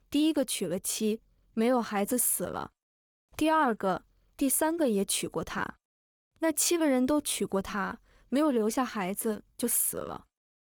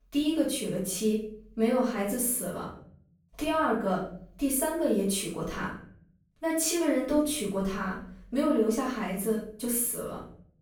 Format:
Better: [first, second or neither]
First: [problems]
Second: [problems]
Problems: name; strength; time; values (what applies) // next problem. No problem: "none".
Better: first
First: none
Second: off-mic speech; far // room echo; noticeable; dies away in 0.6 s